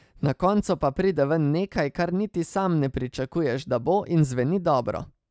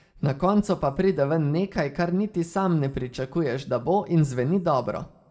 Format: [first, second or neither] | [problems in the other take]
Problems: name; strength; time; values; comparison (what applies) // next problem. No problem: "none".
first | room echo; dies away in 0.8 s